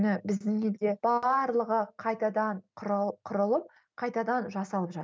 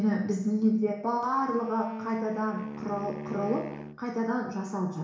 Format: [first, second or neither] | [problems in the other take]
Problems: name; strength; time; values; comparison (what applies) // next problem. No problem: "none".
first | background sound (Wind instrument, woodwind instrument); 11 dB below the speech // room echo; dies away in 0.7 s